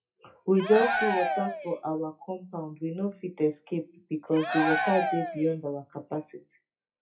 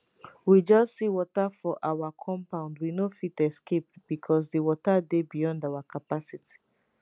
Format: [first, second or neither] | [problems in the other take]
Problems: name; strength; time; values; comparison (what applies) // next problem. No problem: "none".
second | noise reduction (classical method WPE with log-MMSE)